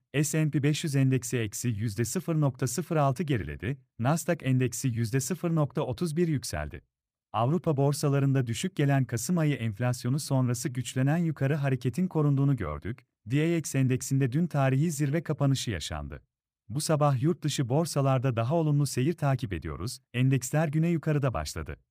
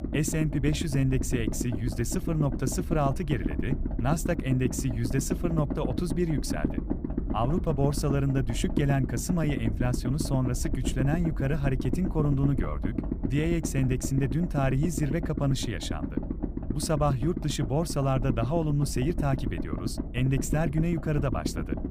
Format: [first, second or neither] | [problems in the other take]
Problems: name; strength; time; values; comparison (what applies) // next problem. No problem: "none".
first | low rumble; loud; throughout; 6 dB below the speech